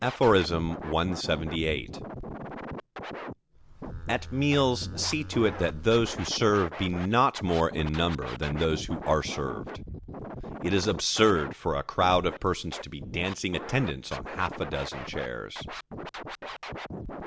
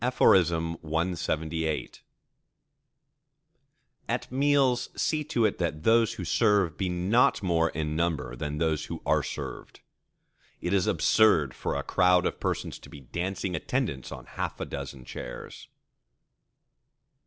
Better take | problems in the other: second | background sound (Scratching (performance technique) + Livestock, farm animals, working animals); 10 dB below the speech

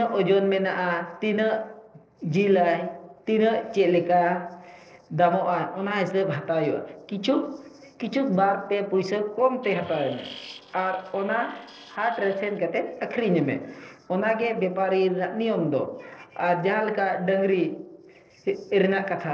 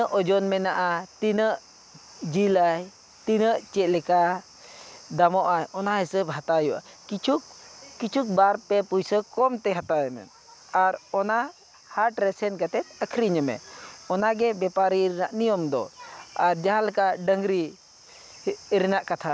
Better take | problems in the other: second | noise reduction (neural separator model SepFormer DNS4)

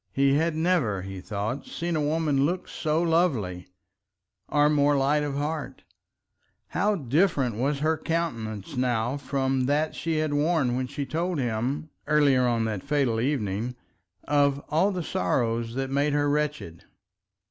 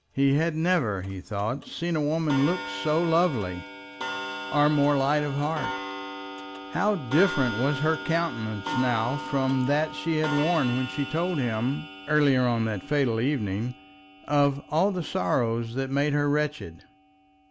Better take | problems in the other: first | background sound (Clock); 11 dB below the speech

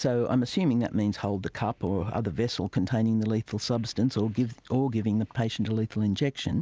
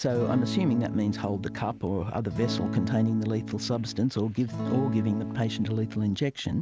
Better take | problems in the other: first | background sound (Acoustic guitar / Strum); 6 dB below the speech

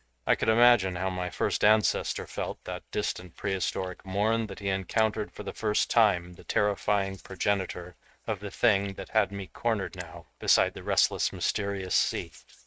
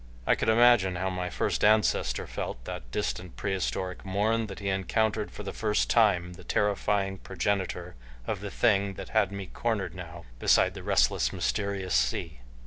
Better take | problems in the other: second | noise reduction (neural mask model RNNoise)

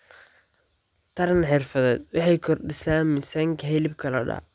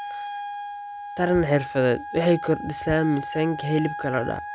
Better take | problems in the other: first | background sound (Wind instrument, woodwind instrument); 9 dB below the speech

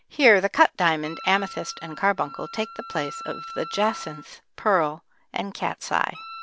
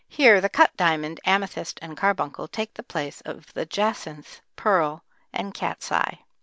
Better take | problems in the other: second | background sound (Wind instrument, woodwind instrument); 16 dB below the speech

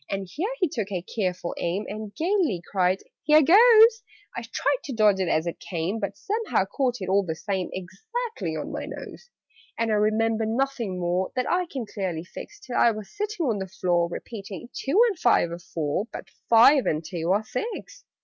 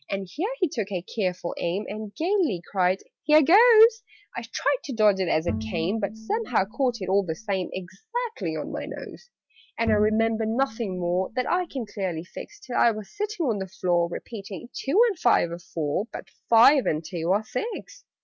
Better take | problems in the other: first | background sound (Bowed string instrument); 11 dB below the speech

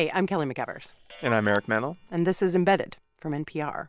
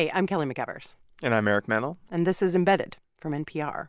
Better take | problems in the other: second | background sound (Clock); 20 dB below the speech

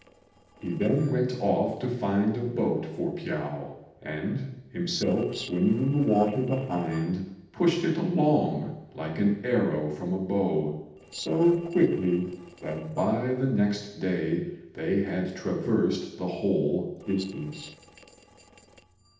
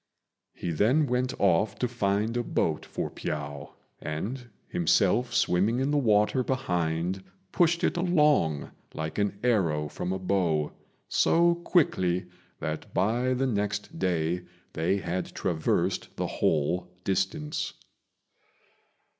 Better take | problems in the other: second | noise reduction (neural separator model SepFormer DNS4)

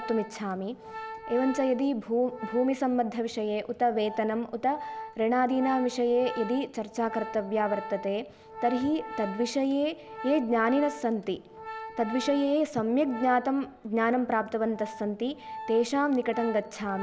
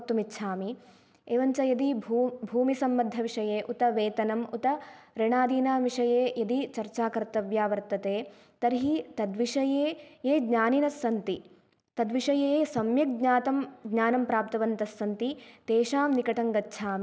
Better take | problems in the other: second | background sound (Organ); 14 dB below the speech

